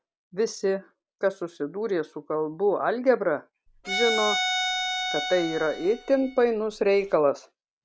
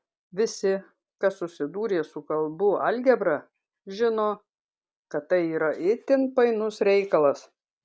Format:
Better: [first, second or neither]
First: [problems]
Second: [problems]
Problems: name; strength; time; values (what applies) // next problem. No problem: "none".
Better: second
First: background sound (Bowed string instrument); 4 dB below the speech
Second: none